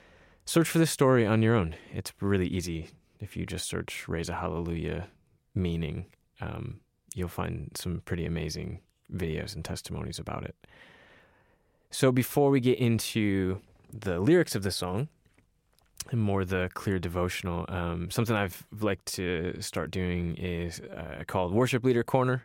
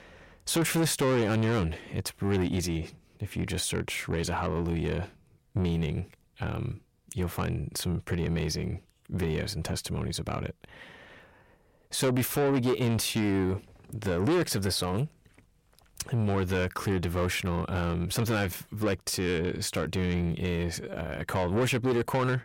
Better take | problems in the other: first | distortion; heavy; 7 dB below the speech

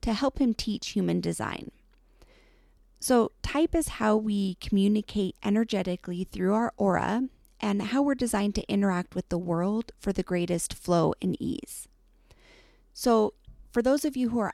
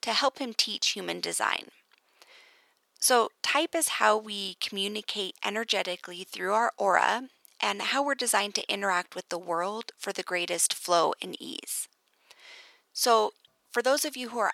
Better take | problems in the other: first | thin; very; fading below 800 Hz

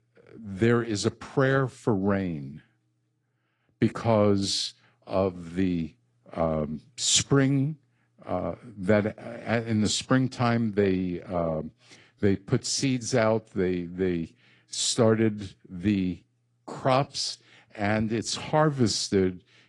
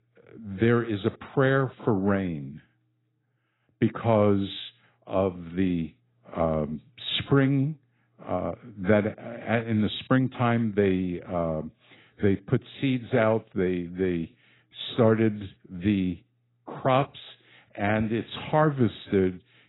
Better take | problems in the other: first | garbled, watery; badly; nothing above 4 kHz; slightly in the first

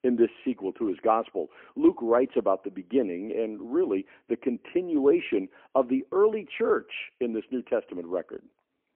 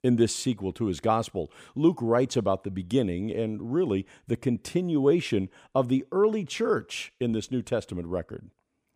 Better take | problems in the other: second | phone-call audio; poor line

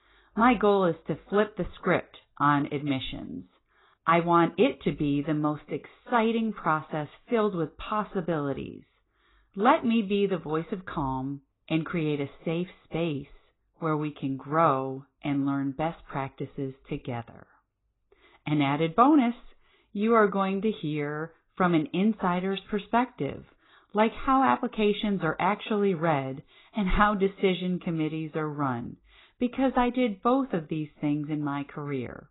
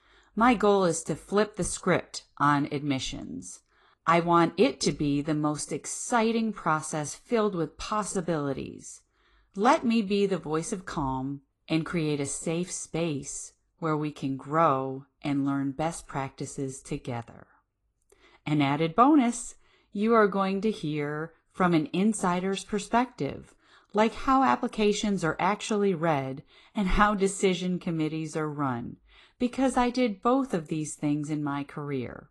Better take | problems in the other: second | garbled, watery; badly; nothing above 4 kHz; slightly in the second

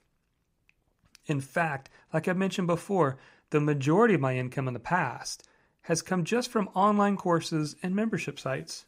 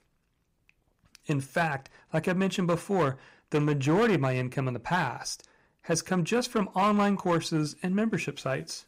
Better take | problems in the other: first | distortion; slight; 5% of the sound clipped

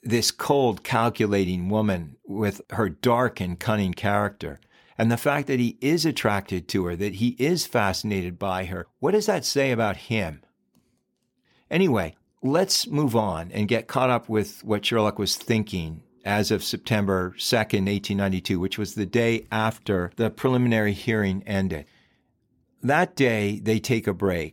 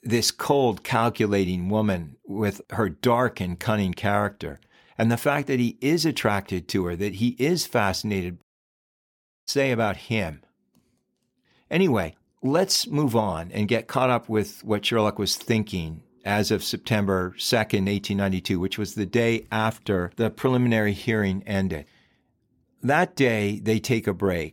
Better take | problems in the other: first | audio cutting out; at 8.5 s for 1 s

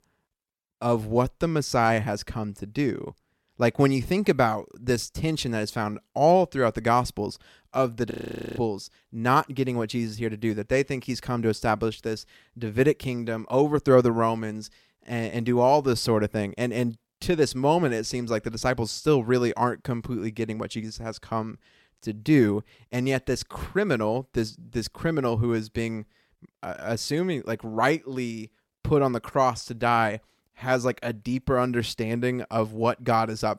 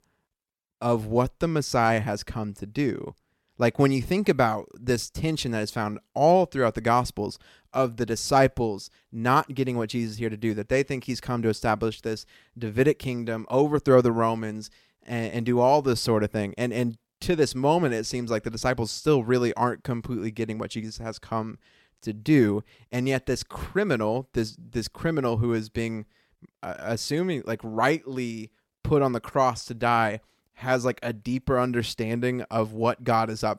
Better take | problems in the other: second | audio freezing; at 8 s

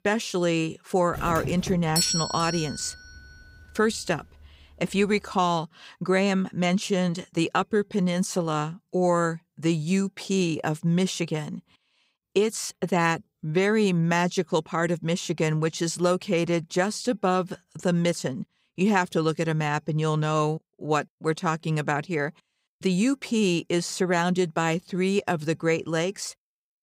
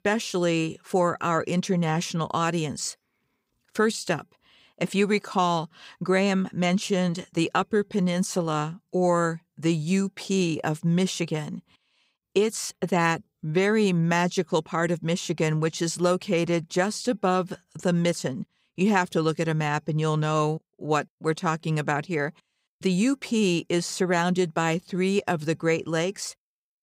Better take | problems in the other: second | doorbell; loud; from 1 to 3 s; peak 2 dB above the speech

